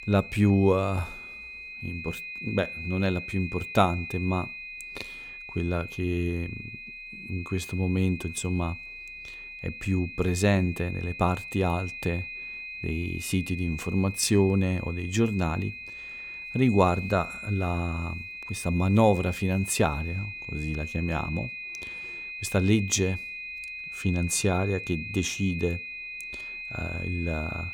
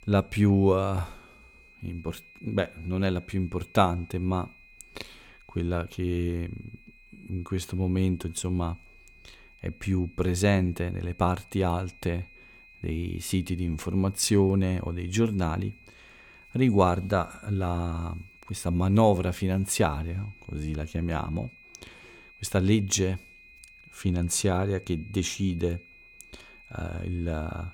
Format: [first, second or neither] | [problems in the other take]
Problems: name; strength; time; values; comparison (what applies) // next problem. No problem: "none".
second | high-pitched whine; loud; throughout; 2.5 kHz, 9 dB below the speech; faint in the second